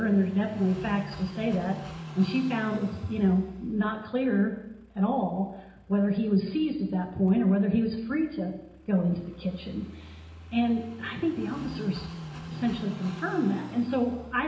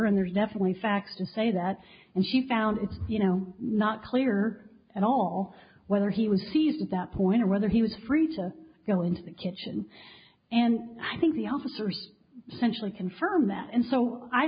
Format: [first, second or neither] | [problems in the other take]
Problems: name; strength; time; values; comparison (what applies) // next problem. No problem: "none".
second | background sound (Car passing by / Idling); 15 dB below the speech // room echo; dies away in 0.8 s